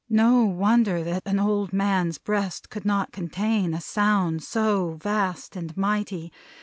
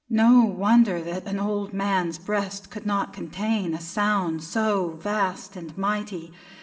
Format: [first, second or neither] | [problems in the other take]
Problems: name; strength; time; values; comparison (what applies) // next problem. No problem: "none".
first | room echo; dies away in 1.6 s